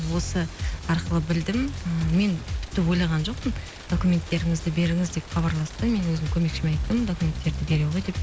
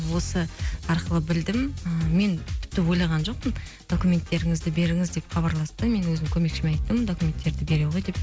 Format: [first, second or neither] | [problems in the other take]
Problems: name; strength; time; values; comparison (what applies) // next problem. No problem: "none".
second | background sound (Rain); 18 dB below the speech